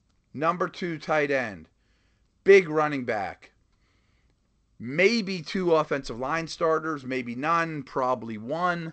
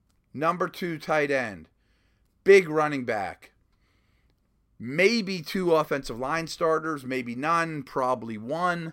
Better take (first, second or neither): second